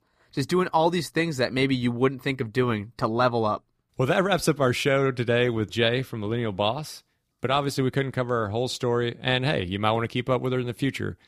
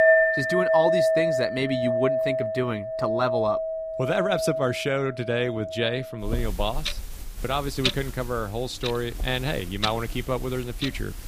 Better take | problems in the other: first | household noises; very loud; throughout; 1 dB above the speech

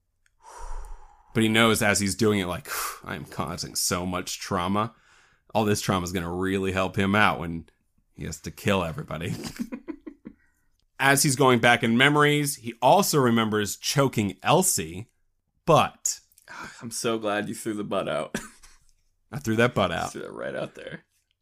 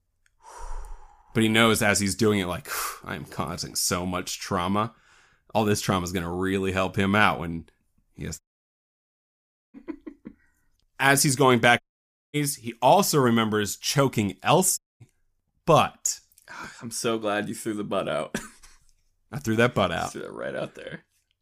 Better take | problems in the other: first | audio cutting out; at 8.5 s for 1.5 s, at 12 s for 0.5 s and at 15 s

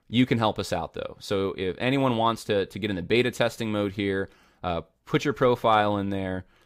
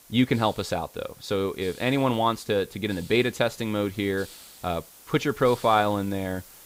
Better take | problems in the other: first | hiss; faint; throughout; 20 dB below the speech

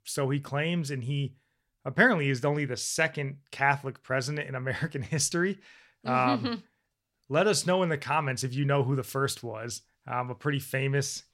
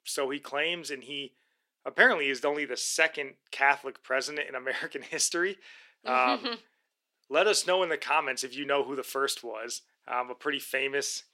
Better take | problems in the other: first | thin; somewhat; fading below 300 Hz

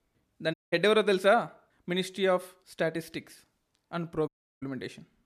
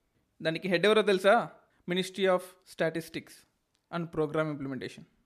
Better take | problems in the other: second | audio cutting out; at 0.5 s and at 4.5 s

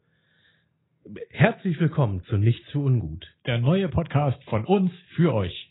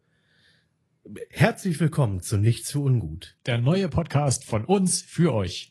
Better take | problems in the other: second | garbled, watery; badly; nothing above 4 kHz; slightly in the second

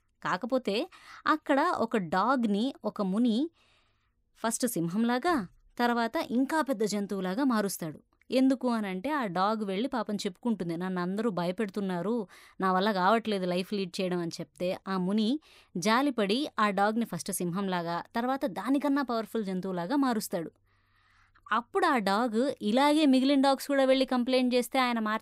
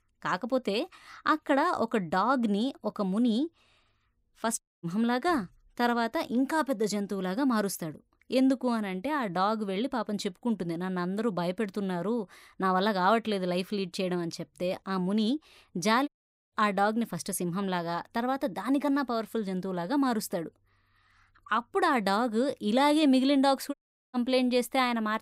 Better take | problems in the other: first | audio cutting out; at 4.5 s, at 16 s and at 24 s

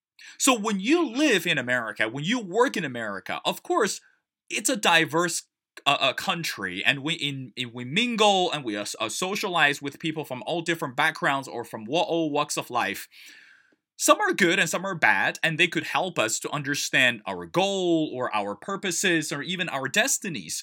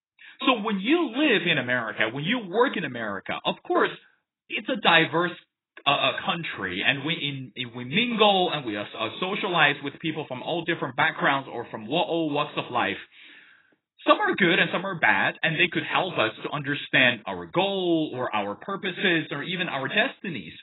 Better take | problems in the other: first | garbled, watery; badly; nothing above 4 kHz

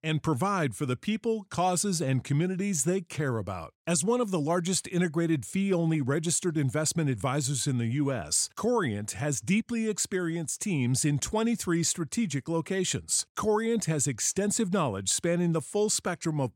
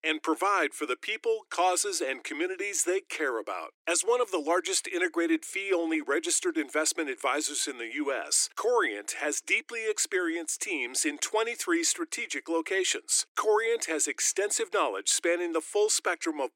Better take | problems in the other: first | thin; very; fading below 300 Hz

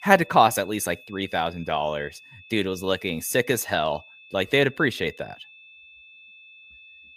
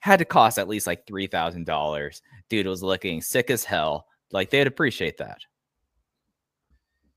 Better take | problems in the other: second | high-pitched whine; faint; throughout; 2.5 kHz, 20 dB below the speech

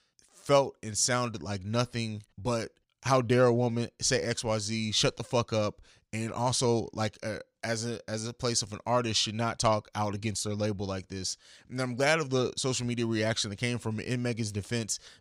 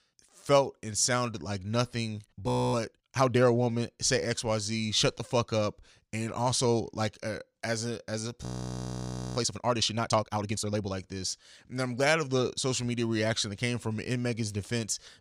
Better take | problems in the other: first | audio freezing; at 2.5 s and at 8.5 s for 1 s

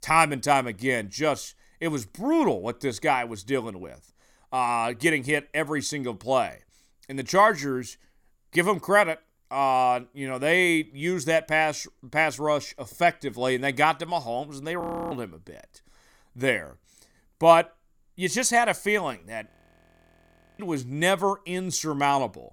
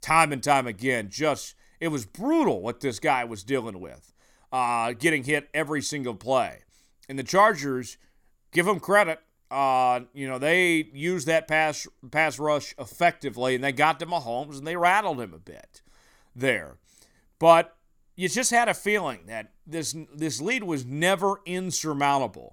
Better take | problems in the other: second | audio freezing; at 15 s and at 19 s for 1 s

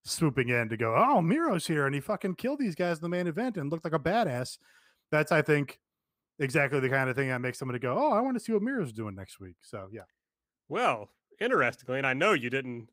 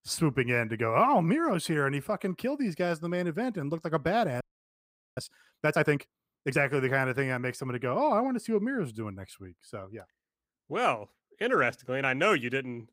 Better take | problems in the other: first | audio freezing; at 4.5 s for 1 s

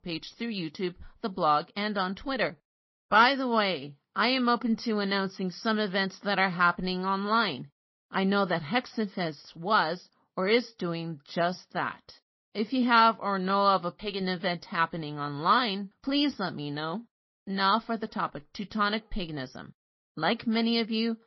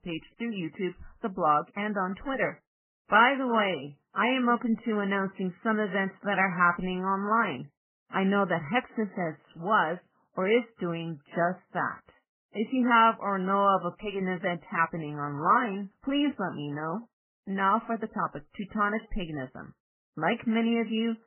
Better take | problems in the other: first | garbled, watery; badly; nothing above 3 kHz; slightly in the first

